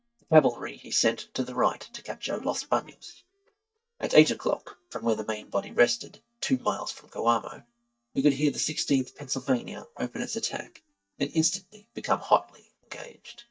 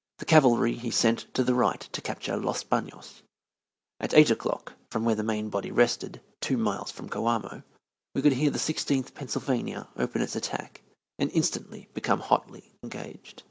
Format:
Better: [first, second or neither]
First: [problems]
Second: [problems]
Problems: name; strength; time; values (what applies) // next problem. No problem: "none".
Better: second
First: noise reduction (neural mask model DeepFilterNet 3)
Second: none